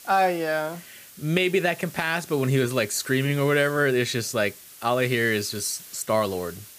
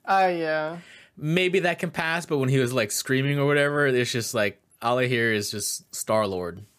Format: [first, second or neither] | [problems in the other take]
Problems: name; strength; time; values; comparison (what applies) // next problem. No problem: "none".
second | hiss; noticeable; throughout; 20 dB below the speech